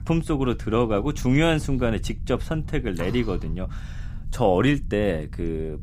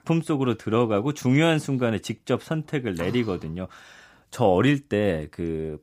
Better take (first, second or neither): second